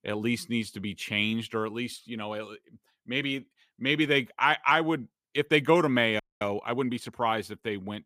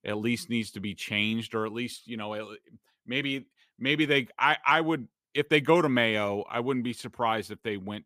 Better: second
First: audio freezing; at 6 s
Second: none

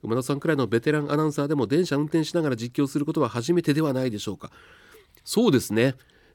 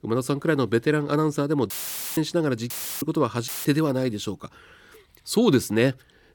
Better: first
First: none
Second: audio cutting out; filled with static; at 1.5 s, at 2.5 s and at 3.5 s

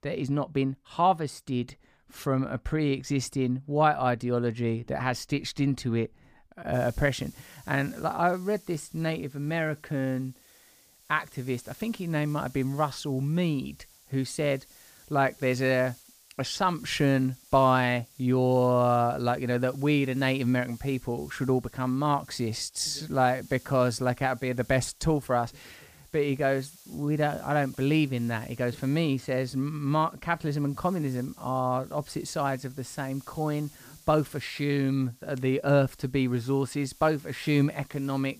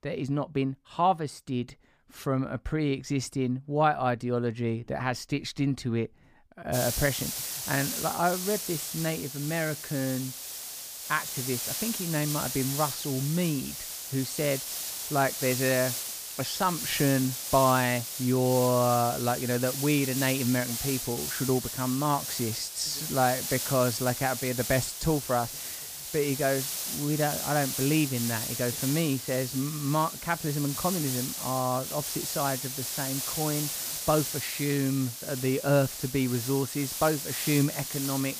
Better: first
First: hiss; faint; from 6.5 s on; 25 dB below the speech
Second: hiss; loud; from 6.5 s on; 3 dB below the speech

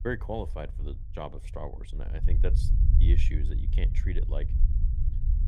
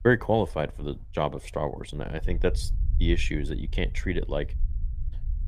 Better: second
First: low rumble; loud; throughout; 7 dB below the speech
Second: low rumble; faint; throughout; 25 dB below the speech

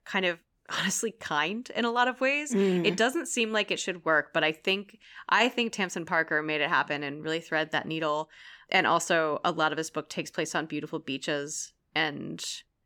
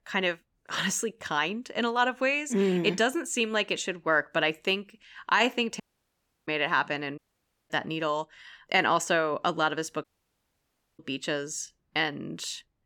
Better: first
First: none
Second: audio cutting out; at 6 s for 0.5 s, at 7 s for 0.5 s and at 10 s for 1 s

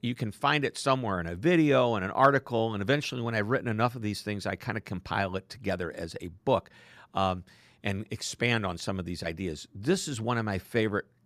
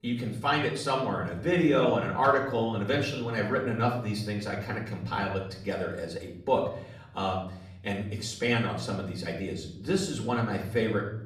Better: first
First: none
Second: room echo; slight; dies away in 0.7 s // off-mic speech; far

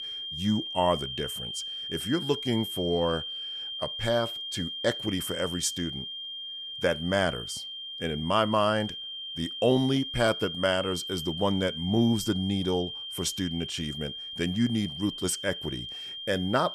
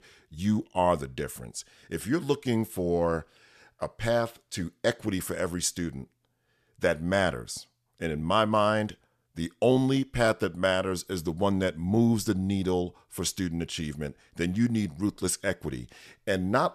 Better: second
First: high-pitched whine; loud; throughout; 3 kHz, 6 dB below the speech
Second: none

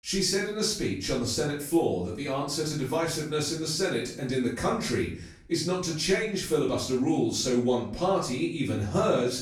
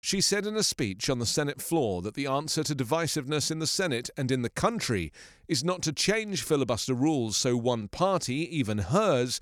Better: second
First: off-mic speech; far // room echo; noticeable; dies away in 0.4 s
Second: none

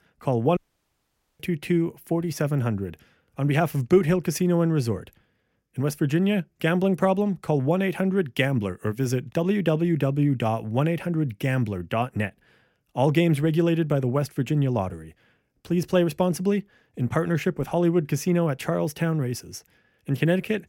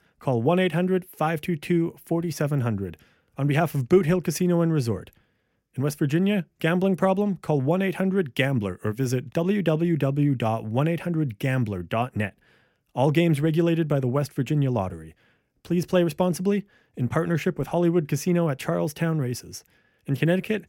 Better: second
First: audio cutting out; at 0.5 s for 1 s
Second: none

